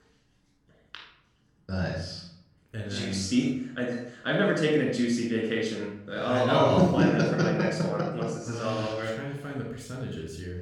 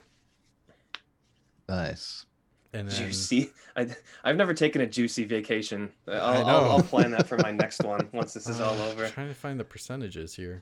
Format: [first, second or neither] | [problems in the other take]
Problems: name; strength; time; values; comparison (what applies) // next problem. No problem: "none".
second | off-mic speech; somewhat distant // room echo; noticeable; dies away in 0.6 s